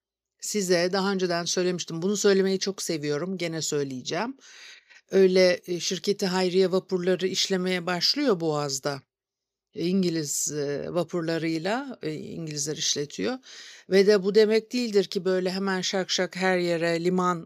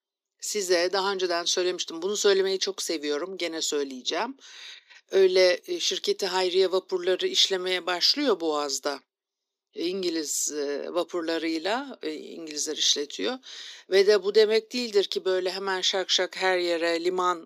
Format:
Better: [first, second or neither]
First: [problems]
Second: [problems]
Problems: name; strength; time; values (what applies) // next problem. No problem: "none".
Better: first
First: none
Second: thin; somewhat; fading below 250 Hz